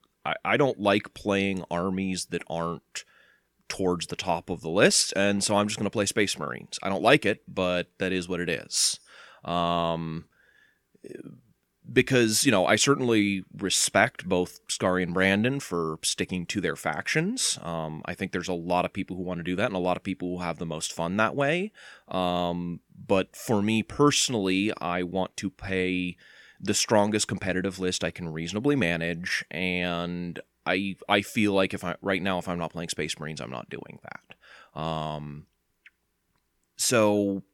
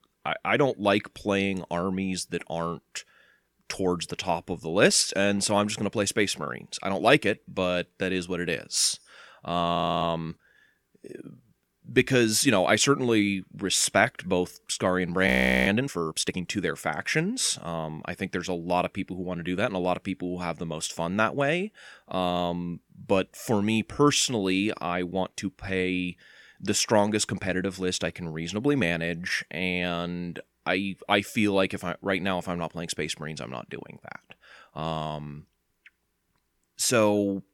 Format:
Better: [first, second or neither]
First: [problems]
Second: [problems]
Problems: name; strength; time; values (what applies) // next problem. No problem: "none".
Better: first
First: none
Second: audio freezing; at 10 s and at 15 s